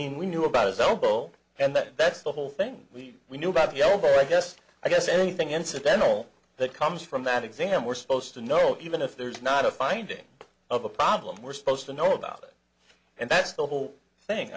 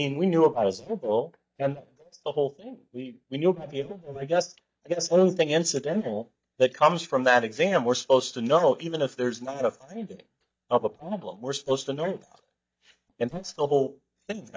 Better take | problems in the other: first | noise reduction (neural mask model DeepFilterNet 3)

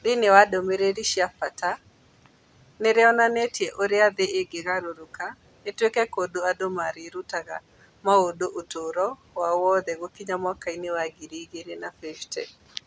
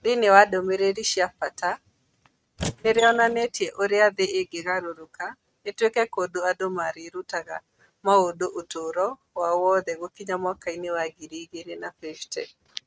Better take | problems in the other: first | noise reduction (neural mask model RNNoise)

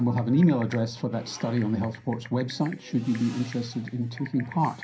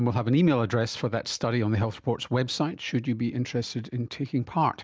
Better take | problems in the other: second | background sound (Typing); 19 dB below the speech // room echo; dies away in 0.3 s

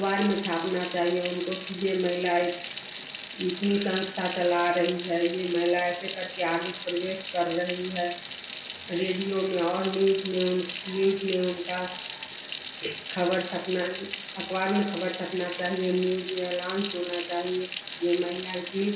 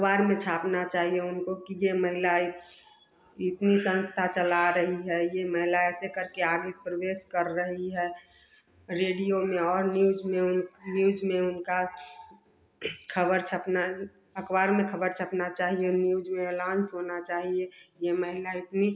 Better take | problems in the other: second | background sound (Sink (filling or washing) / Water tap, faucet); 10 dB below the speech // room echo; dies away in 0.5 s

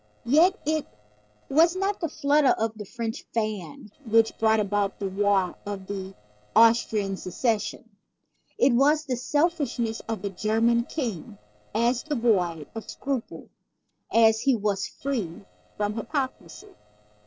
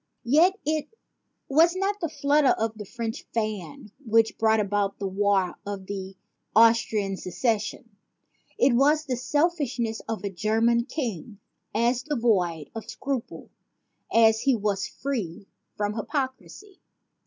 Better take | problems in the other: second | noise reduction (neural separator model SepFormer DNS4)

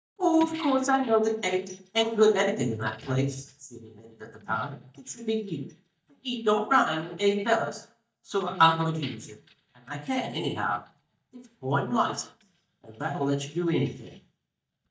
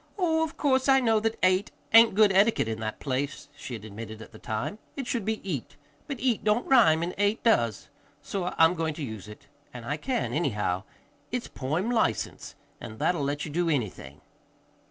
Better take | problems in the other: second | noise reduction (neural mask model DeepFilterNet 3)

